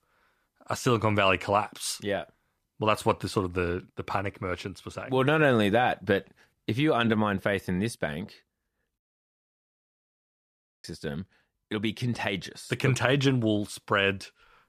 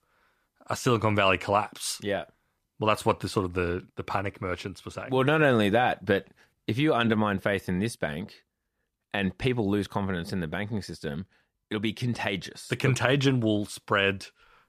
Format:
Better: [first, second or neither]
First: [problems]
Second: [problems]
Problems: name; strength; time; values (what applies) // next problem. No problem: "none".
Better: second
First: audio cutting out; at 9 s for 2 s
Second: none